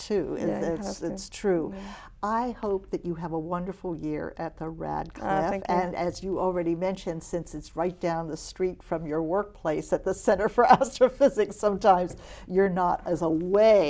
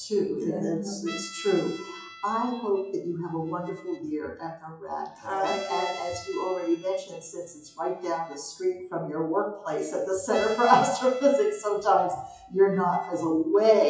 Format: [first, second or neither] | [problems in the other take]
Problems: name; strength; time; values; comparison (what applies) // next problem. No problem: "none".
first | noise reduction (classical method WPE with log-MMSE)